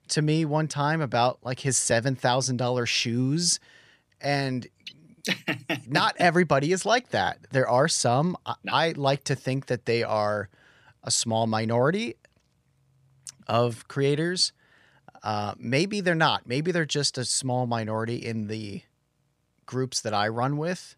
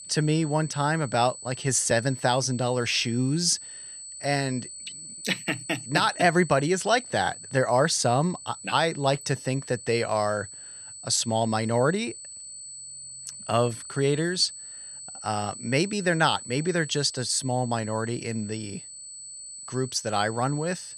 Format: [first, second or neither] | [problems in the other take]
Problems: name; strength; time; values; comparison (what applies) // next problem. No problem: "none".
first | high-pitched whine; noticeable; throughout; 8 kHz, 15 dB below the speech